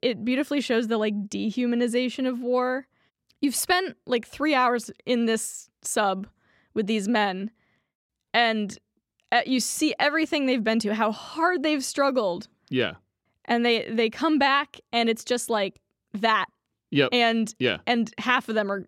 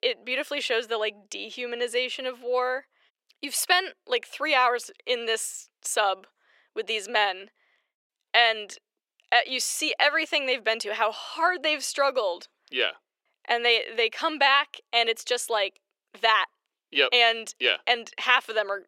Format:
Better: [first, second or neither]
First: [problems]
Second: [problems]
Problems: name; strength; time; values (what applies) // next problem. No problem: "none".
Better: first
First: none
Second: thin; very; fading below 450 Hz